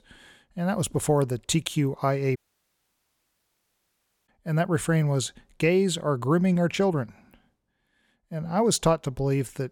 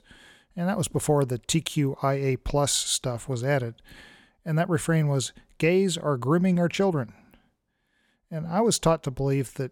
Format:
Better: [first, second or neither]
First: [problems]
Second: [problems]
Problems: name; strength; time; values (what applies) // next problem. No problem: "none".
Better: second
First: audio cutting out; at 2.5 s for 2 s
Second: none